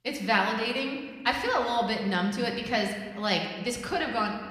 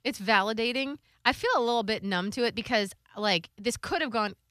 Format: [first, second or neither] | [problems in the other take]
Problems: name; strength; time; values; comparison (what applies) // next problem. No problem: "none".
second | room echo; slight; dies away in 1.3 s // off-mic speech; somewhat distant